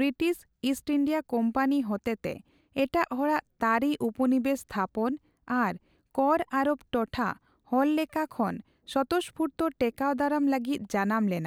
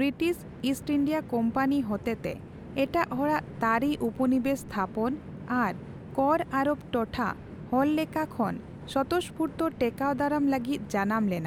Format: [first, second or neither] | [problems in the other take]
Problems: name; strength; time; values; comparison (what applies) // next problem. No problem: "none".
first | background sound (Train); 14 dB below the speech